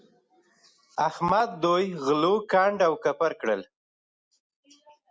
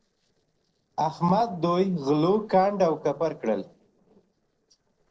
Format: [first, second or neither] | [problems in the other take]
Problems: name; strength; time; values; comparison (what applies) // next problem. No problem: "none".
first | noise reduction (neural separator model SepFormer DNS4)